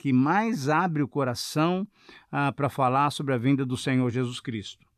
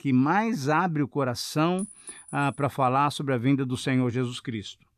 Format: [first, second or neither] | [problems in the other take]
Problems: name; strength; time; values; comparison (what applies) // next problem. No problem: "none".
first | clattering dishes; faint; at 2 s; peak 15 dB below the speech